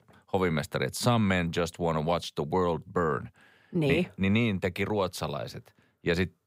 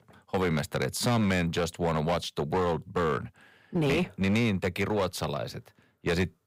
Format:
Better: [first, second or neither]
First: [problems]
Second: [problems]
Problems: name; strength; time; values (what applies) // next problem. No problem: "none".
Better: first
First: none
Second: distortion; slight; 10% of the sound clipped